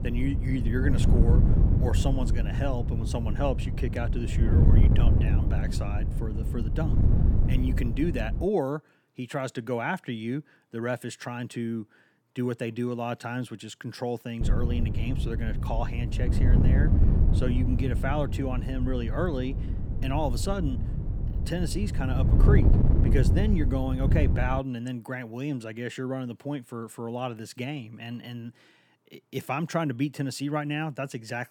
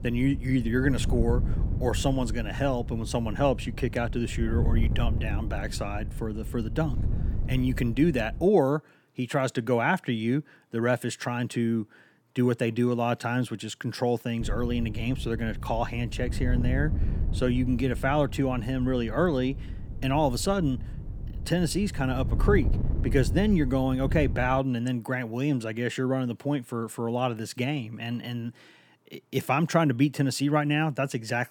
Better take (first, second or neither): second